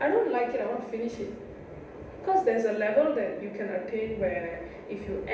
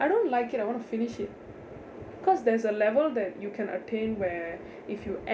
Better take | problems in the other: second | room echo; dies away in 0.8 s

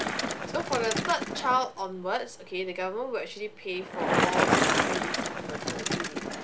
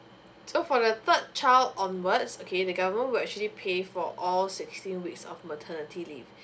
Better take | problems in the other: second | background sound (Bicycle); 2 dB above the speech

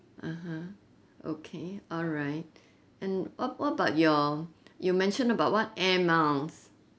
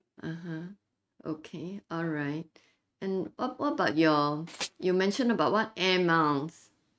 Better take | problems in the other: first | noise reduction (neural mask model RNNoise)

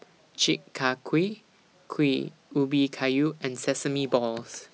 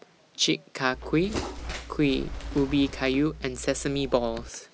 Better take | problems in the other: first | background sound (Bird); 10 dB below the speech

